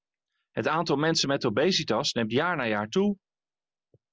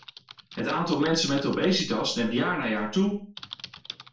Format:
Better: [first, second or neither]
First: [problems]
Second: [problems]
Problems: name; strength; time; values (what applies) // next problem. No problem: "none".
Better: first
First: none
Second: background sound (Typing); 18 dB below the speech // room echo; dies away in 0.4 s